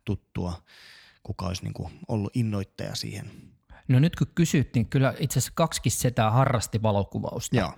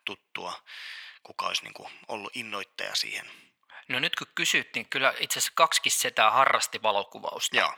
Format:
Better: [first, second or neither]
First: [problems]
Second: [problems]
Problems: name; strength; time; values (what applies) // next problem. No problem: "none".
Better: first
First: none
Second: thin; very; fading below 700 Hz